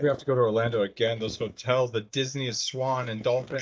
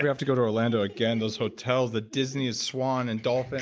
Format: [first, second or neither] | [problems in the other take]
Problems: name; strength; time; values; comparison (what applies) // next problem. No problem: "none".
second | noise reduction (neural mask model DeepFilterNet 3)